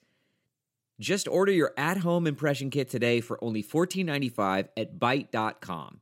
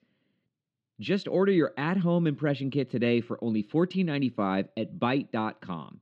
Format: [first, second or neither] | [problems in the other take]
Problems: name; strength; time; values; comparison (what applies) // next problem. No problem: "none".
first | muffled; very slightly; fading above 4 kHz